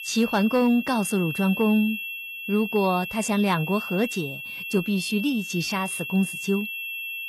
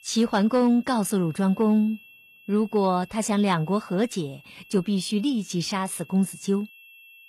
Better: second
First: high-pitched whine; loud; throughout; 2.5 kHz, 7 dB below the speech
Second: high-pitched whine; faint; throughout; 2.5 kHz, 25 dB below the speech

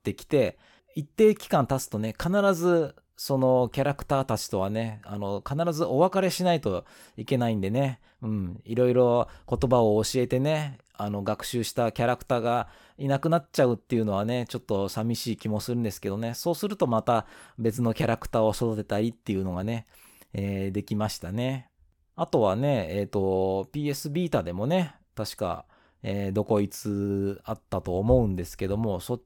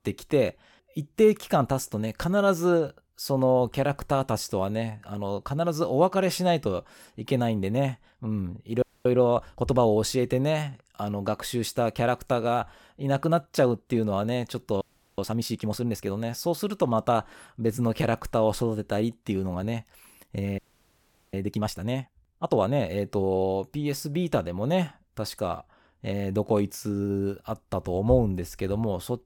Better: first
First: none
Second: audio freezing; at 9 s, at 15 s and at 21 s for 1 s

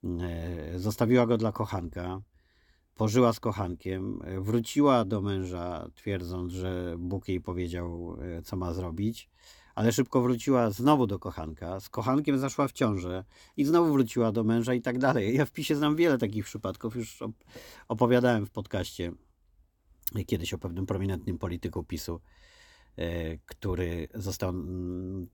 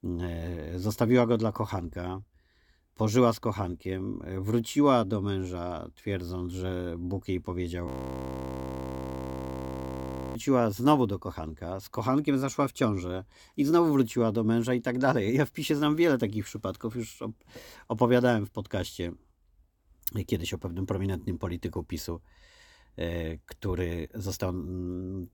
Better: first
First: none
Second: audio freezing; at 8 s for 2.5 s

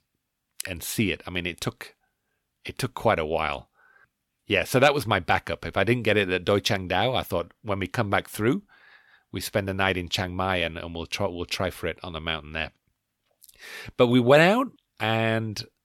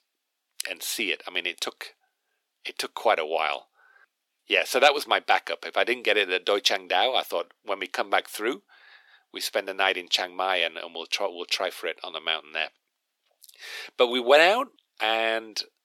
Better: first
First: none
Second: thin; very; fading below 350 Hz

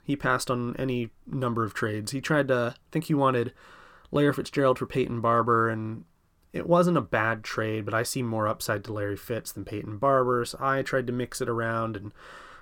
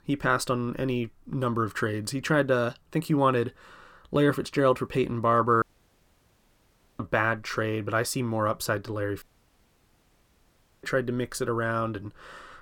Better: first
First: none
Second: audio cutting out; at 5.5 s for 1.5 s and at 9 s for 1.5 s

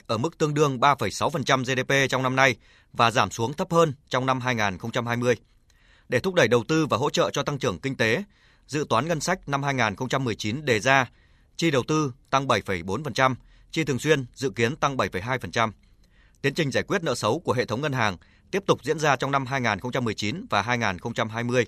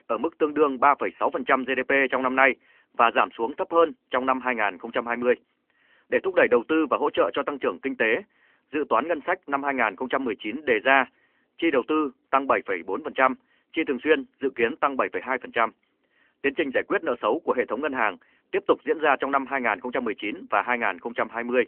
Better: first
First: none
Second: phone-call audio; nothing above 3 kHz

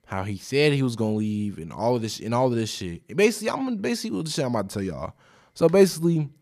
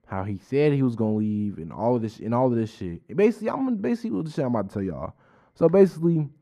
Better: first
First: none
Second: muffled; very; fading above 2.5 kHz

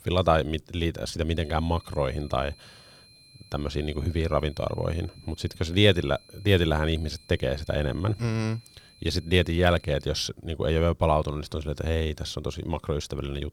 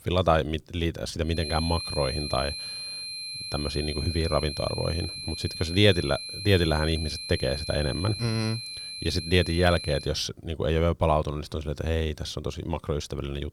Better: first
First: high-pitched whine; faint; from 1.5 to 10 s; 4 kHz, 25 dB below the speech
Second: high-pitched whine; loud; from 1.5 to 10 s; 4 kHz, 6 dB below the speech

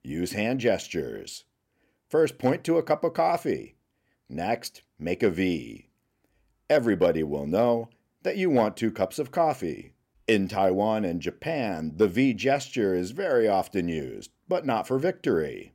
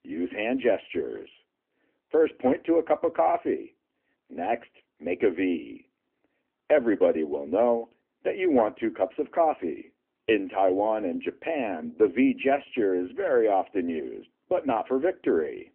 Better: first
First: none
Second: phone-call audio

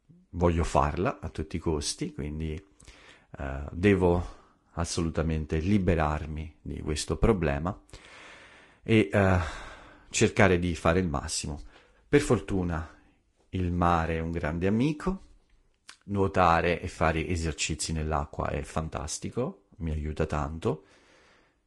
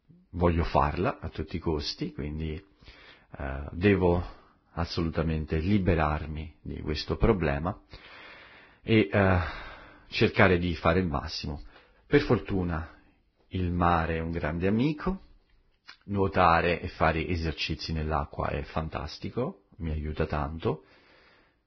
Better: first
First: garbled, watery; slightly; nothing above 10 kHz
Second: garbled, watery; badly; nothing above 5.5 kHz

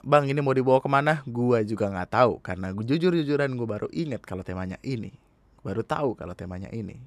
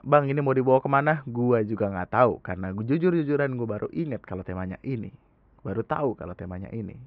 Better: first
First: none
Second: muffled; very; fading above 2.5 kHz

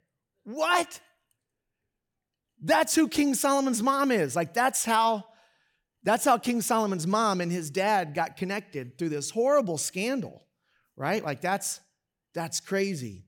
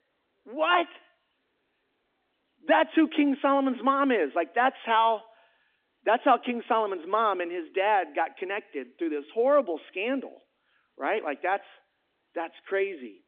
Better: first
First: none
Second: phone-call audio; nothing above 3.5 kHz

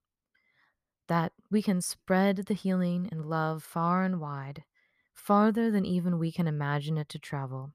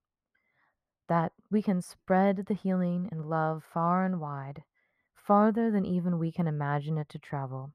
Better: first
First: none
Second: muffled; slightly; fading above 2.5 kHz

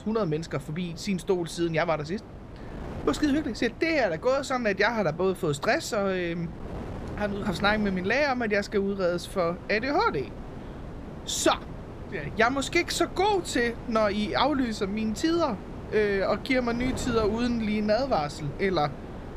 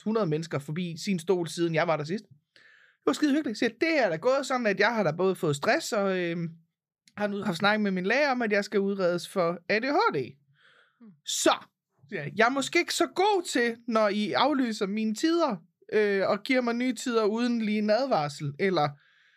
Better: second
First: wind noise on the microphone; occasional gusts; 15 dB below the speech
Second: none

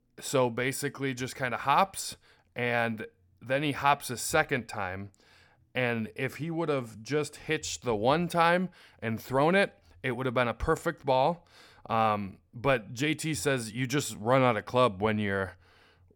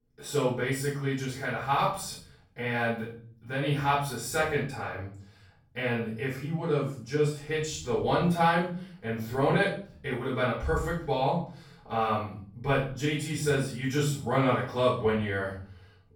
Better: first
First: none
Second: off-mic speech; far // room echo; noticeable; dies away in 0.5 s

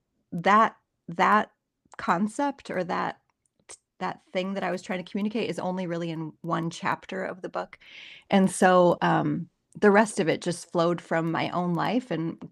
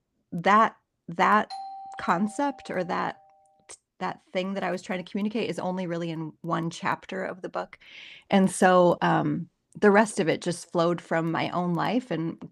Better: first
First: none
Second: doorbell; faint; from 1.5 to 3 s; peak 15 dB below the speech

